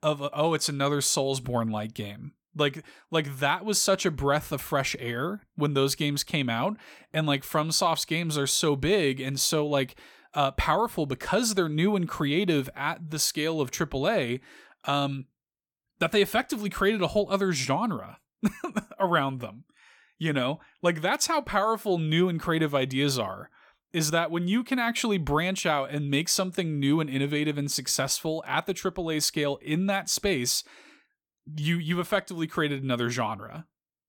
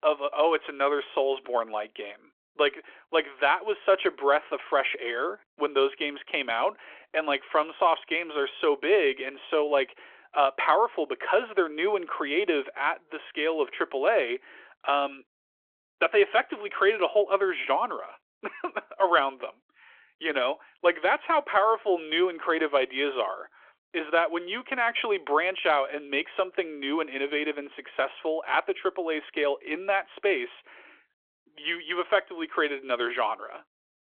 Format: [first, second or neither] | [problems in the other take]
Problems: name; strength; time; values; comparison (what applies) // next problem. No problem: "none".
first | phone-call audio; nothing above 3.5 kHz